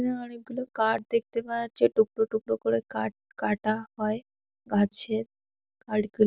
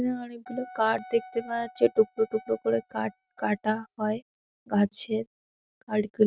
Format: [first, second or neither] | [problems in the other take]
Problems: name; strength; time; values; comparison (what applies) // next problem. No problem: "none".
first | noise reduction (neural mask model RNNoise)